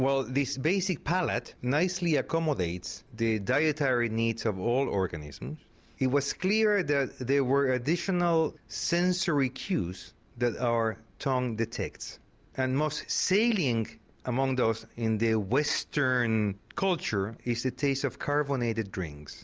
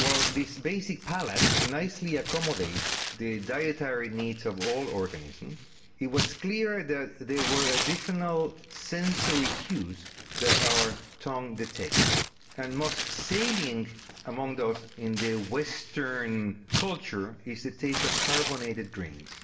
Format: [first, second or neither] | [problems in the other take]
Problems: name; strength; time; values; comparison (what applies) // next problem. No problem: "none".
first | background sound (Tearing); as loud as the speech // room echo; dies away in 1 s